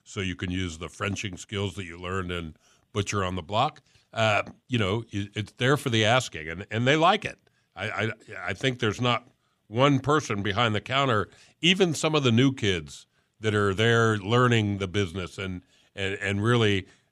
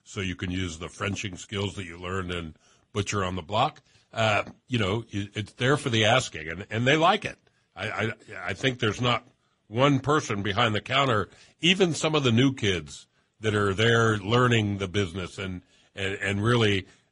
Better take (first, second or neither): first